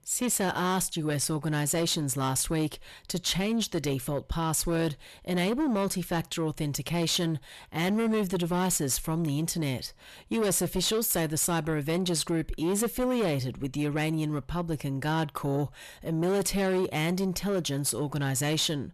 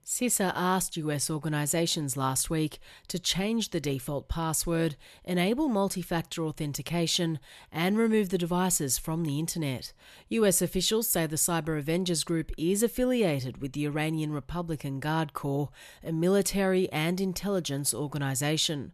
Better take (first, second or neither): second